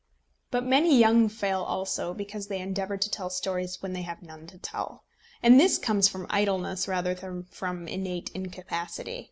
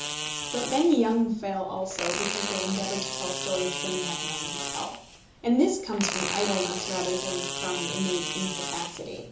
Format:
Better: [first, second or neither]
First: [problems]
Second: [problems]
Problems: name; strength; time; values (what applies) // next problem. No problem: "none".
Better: first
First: none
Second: background sound (Fart); 4 dB below the speech // room echo; dies away in 0.6 s